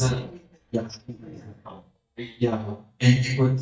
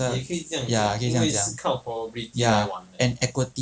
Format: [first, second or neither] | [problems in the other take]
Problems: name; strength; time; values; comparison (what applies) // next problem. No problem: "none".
second | noise reduction (neural mask model DeepFilterNet 3)